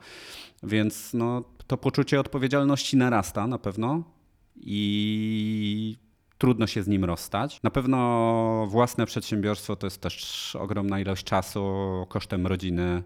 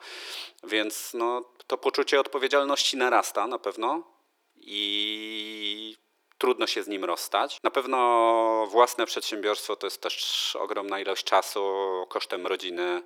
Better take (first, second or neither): first